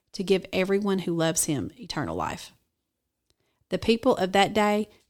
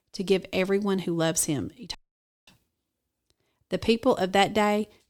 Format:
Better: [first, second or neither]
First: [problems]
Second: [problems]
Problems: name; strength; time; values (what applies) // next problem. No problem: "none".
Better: first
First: none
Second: audio cutting out; at 2 s for 0.5 s